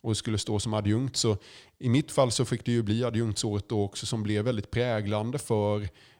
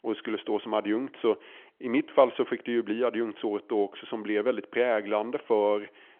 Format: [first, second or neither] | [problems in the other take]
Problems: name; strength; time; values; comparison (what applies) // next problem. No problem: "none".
first | phone-call audio